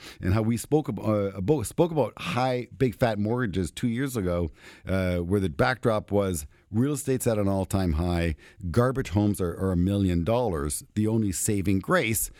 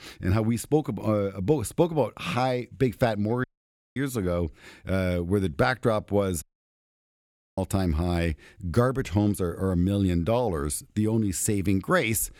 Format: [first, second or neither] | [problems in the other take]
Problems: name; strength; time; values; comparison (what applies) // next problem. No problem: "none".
first | audio cutting out; at 3.5 s for 0.5 s and at 6.5 s for 1 s